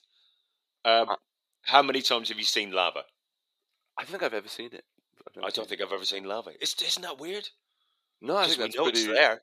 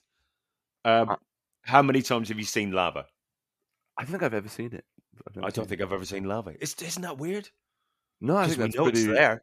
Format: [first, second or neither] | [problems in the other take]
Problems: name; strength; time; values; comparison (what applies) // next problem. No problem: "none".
second | thin; somewhat; fading below 450 Hz